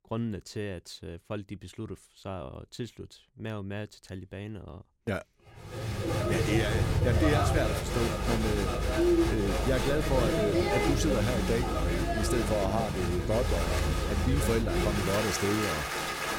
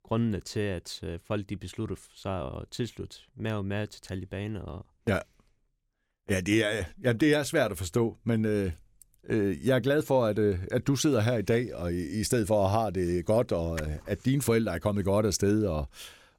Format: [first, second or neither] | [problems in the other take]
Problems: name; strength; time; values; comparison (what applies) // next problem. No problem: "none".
second | crowd noise; very loud; from 6 s on; 4 dB above the speech